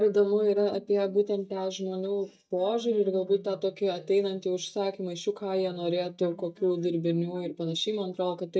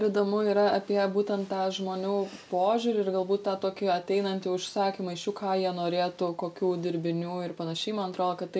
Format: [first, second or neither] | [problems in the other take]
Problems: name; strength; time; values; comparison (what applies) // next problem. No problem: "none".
second | noise reduction (neural mask model DeepFilterNet 3)